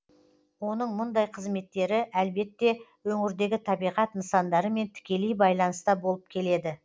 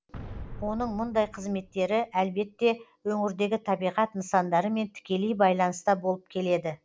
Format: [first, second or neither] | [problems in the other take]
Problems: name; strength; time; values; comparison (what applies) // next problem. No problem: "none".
first | background sound (Boom); 15 dB below the speech